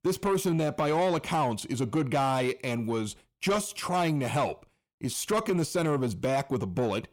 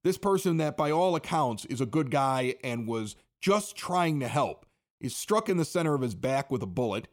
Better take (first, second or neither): second